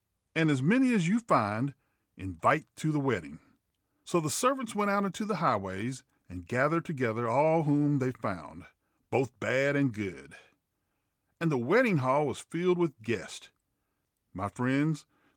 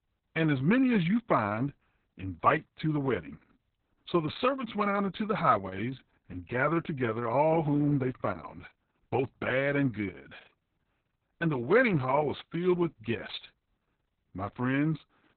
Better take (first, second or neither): first